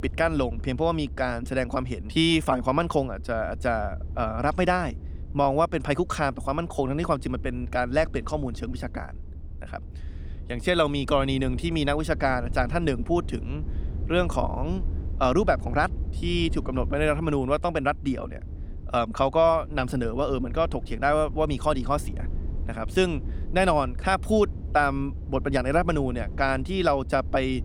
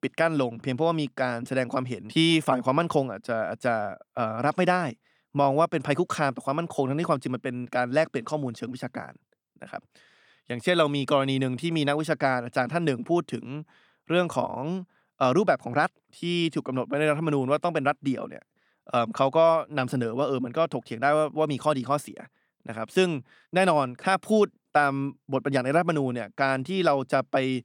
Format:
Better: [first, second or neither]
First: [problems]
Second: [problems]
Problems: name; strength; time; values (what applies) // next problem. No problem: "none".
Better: second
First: low rumble; faint; throughout; 25 dB below the speech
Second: none